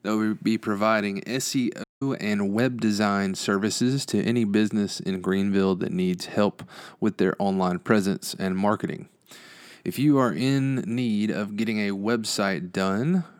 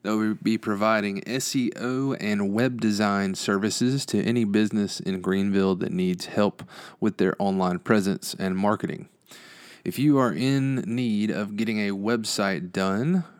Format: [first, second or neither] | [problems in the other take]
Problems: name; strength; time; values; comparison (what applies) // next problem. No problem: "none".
second | audio cutting out; at 2 s